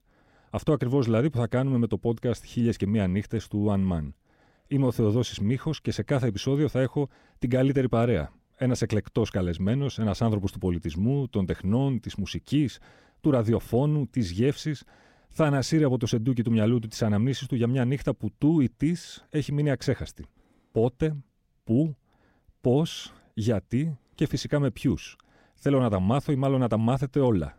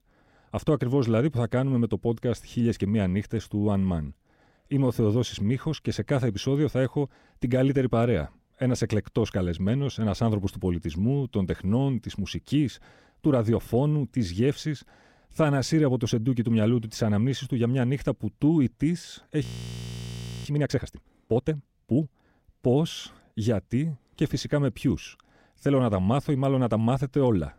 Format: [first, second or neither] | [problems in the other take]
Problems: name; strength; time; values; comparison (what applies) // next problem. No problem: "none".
first | audio freezing; at 19 s for 1 s